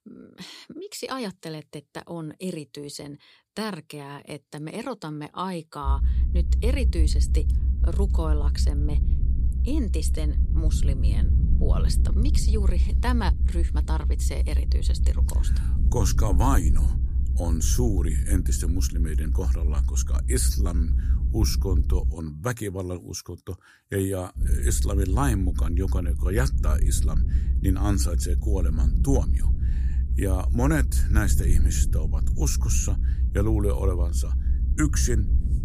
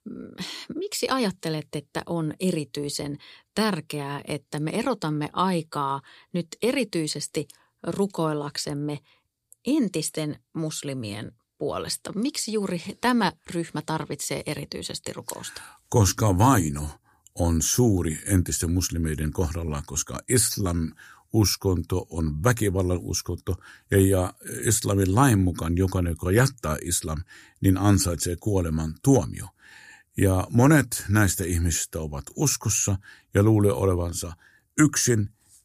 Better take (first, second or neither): second